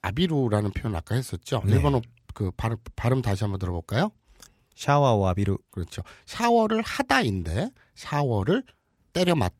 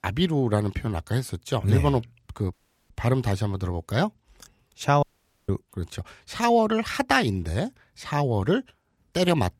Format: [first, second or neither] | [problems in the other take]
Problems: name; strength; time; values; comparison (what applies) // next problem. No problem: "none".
first | audio cutting out; at 2.5 s and at 5 s